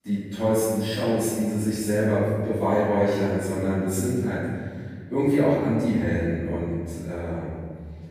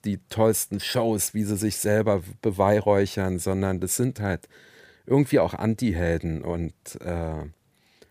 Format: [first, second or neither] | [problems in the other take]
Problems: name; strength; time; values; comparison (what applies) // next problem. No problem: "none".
second | off-mic speech; far // room echo; strong; dies away in 2 s